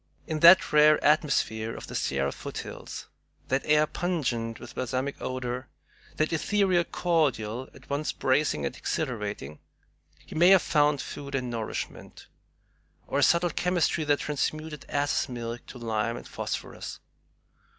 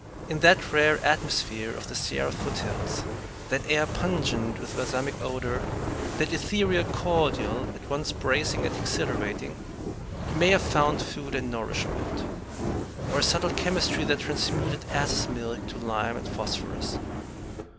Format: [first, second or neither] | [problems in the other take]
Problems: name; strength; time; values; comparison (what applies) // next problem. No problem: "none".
first | background sound (Fire); 3 dB below the speech